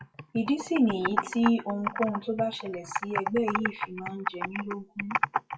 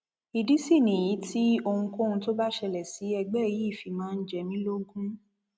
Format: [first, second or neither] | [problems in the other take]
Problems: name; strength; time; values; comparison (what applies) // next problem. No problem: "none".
second | noise reduction (classical method WPE with log-MMSE)